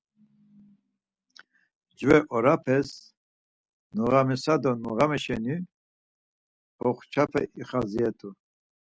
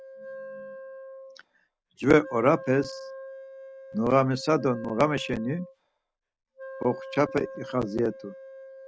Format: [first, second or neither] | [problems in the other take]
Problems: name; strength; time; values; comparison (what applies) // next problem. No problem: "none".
first | background sound (Wind instrument, woodwind instrument); 15 dB below the speech